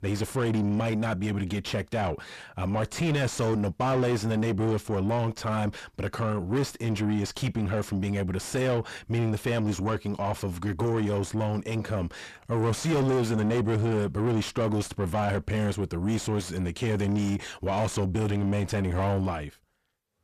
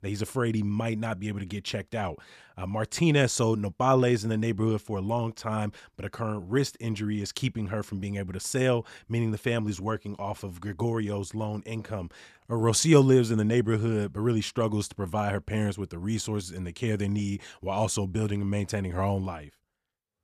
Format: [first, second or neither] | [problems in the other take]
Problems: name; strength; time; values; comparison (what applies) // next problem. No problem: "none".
second | distortion; heavy; 5 dB below the speech